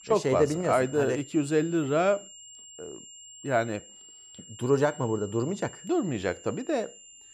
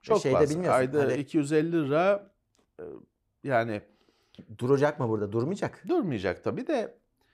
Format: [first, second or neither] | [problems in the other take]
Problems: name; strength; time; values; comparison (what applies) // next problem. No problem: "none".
second | high-pitched whine; noticeable; throughout; 7.5 kHz, 20 dB below the speech